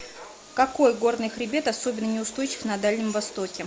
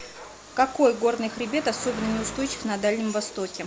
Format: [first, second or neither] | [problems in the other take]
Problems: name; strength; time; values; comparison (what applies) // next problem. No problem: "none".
first | background sound (Car passing by); 15 dB below the speech